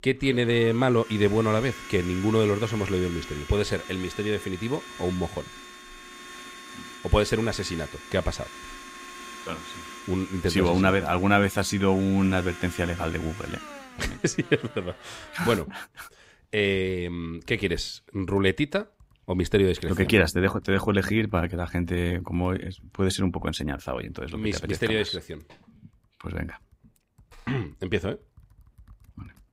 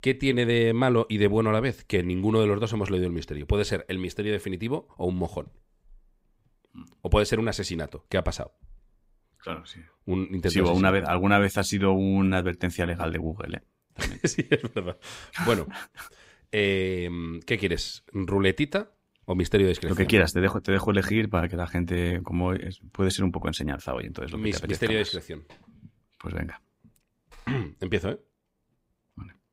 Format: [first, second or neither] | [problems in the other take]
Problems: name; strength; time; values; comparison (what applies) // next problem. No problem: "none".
second | household noises; noticeable; throughout; 15 dB below the speech